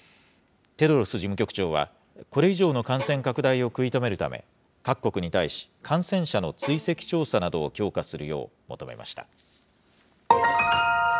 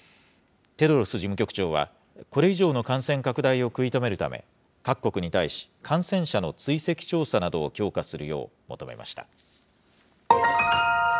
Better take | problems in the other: second | background sound (Bowed string instrument); 16 dB below the speech

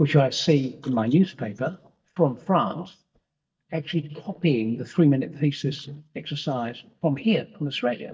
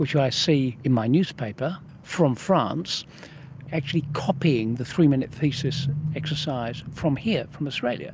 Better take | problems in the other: second | noise reduction (neural mask model DeepFilterNet 3)

